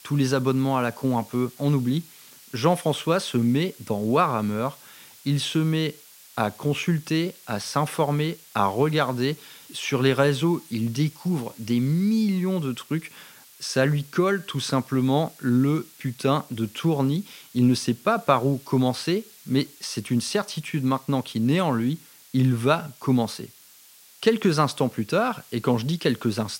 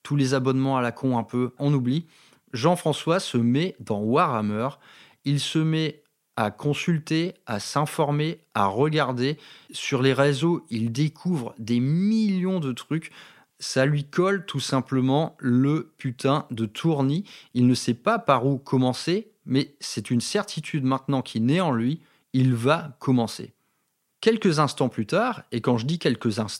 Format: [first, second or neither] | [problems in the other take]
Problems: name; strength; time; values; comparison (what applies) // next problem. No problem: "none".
second | hiss; faint; throughout; 25 dB below the speech